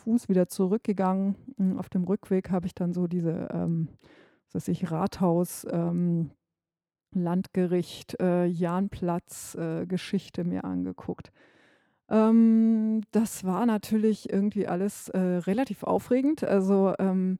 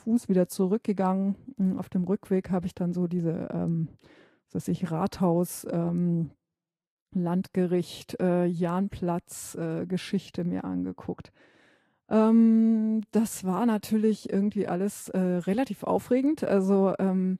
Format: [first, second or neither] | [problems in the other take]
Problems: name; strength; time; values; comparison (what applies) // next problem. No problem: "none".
first | garbled, watery; slightly; nothing above 13.5 kHz